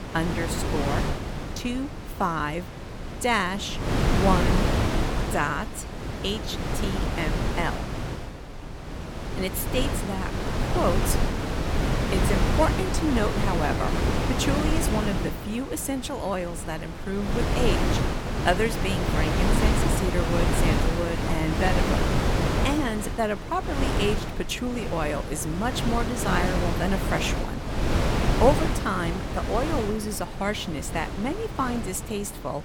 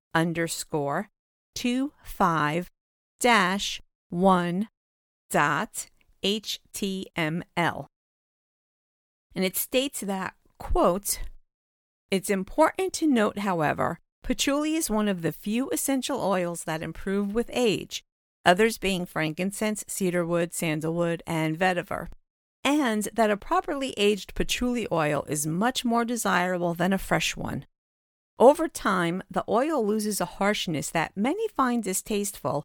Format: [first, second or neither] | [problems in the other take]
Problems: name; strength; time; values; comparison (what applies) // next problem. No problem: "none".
second | wind noise on the microphone; heavy; 2 dB below the speech